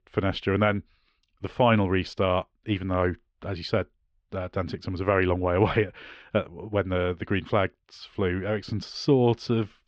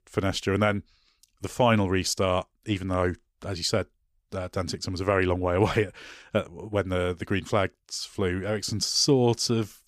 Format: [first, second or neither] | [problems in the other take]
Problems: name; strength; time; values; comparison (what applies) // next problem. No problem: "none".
second | muffled; slightly; fading above 3.5 kHz